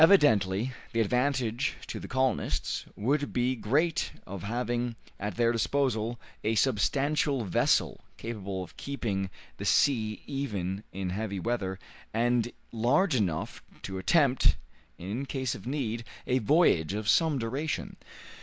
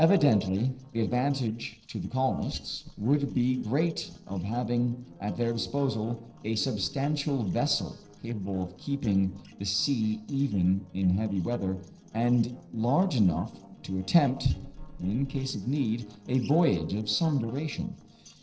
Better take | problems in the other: first | noise reduction (neural separator model SepFormer DNS4)

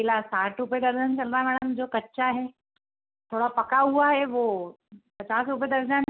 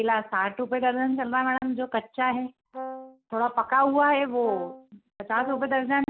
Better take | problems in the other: first | background sound (Brass instrument); 13 dB below the speech

